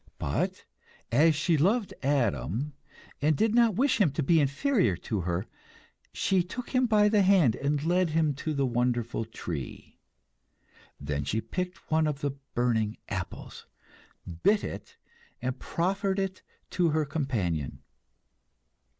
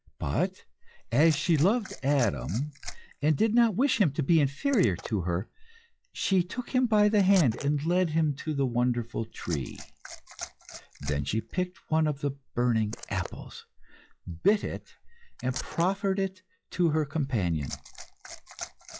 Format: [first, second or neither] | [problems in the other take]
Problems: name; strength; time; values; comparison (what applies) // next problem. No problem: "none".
first | noise reduction (classical method log-MMSE)